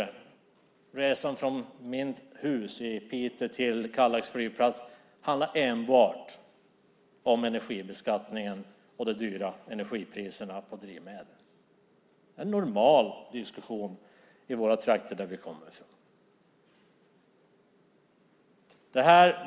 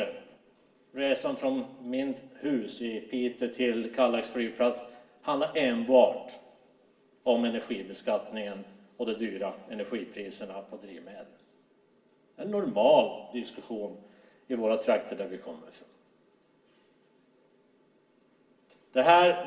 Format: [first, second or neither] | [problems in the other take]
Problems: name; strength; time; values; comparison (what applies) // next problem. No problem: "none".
first | room echo; dies away in 0.8 s